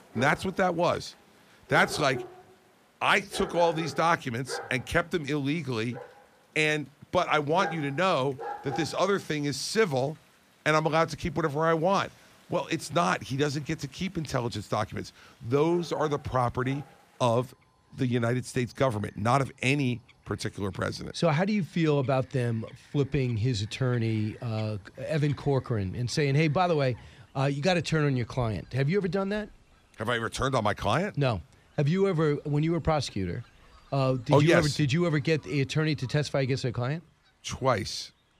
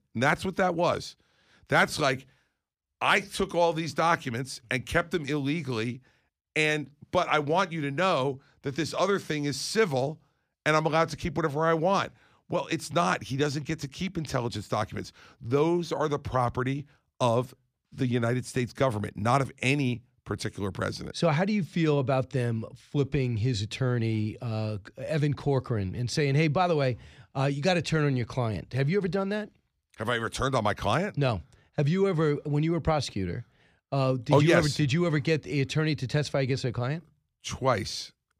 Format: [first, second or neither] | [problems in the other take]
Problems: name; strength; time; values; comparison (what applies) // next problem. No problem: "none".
second | animal sounds; noticeable; throughout; 20 dB below the speech